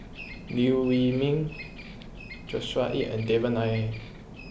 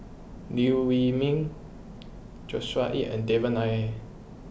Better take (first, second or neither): second